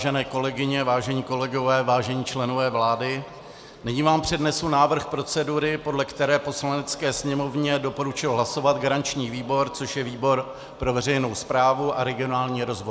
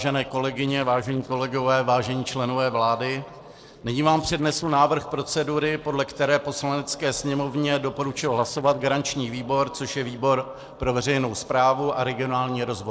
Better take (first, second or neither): first